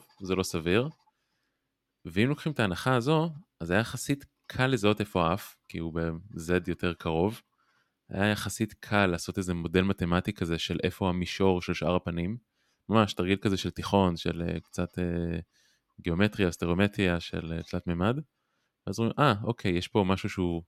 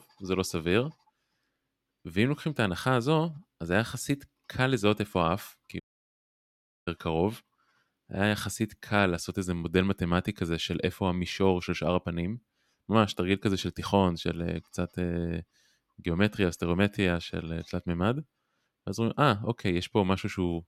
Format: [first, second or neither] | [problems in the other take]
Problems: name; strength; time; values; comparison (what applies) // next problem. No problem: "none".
first | audio cutting out; at 6 s for 1 s